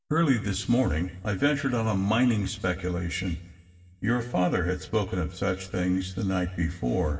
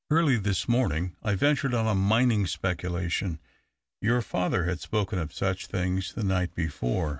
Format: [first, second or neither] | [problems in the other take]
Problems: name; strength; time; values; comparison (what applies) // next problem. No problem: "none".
second | room echo; dies away in 1.6 s